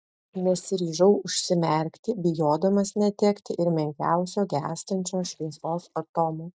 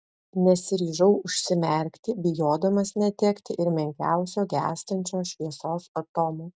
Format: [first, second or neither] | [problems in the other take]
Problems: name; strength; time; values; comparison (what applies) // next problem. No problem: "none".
second | noise reduction (neural mask model DeepFilterNet 3)